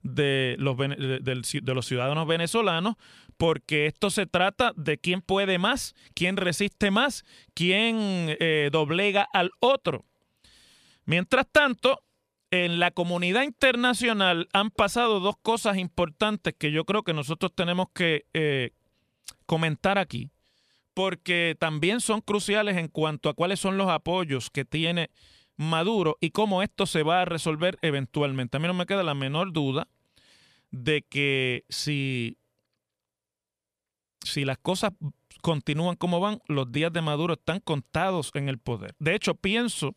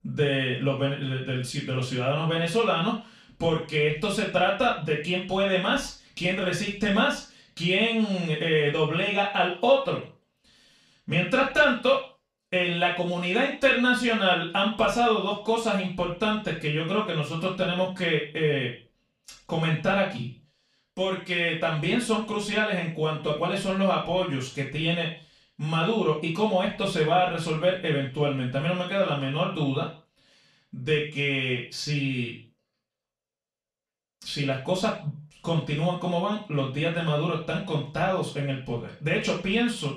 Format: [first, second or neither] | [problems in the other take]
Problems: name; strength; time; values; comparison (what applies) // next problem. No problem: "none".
first | room echo; noticeable; dies away in 0.3 s // off-mic speech; far